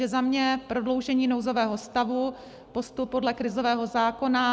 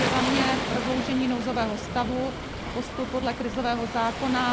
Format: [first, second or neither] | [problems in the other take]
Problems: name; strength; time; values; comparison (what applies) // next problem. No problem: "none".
first | background sound (Waves, surf + Waves, surf); 3 dB below the speech